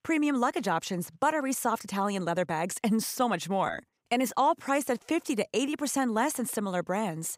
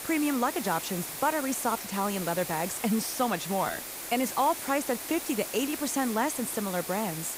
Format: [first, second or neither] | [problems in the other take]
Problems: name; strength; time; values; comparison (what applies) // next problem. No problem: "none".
first | hiss; loud; throughout; 6 dB below the speech